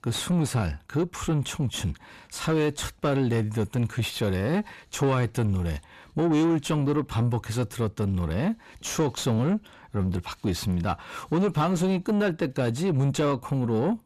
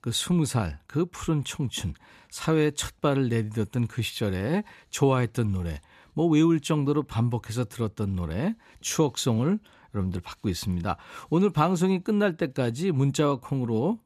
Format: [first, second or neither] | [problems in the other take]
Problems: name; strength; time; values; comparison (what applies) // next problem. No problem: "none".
second | distortion; slight; 9 dB below the speech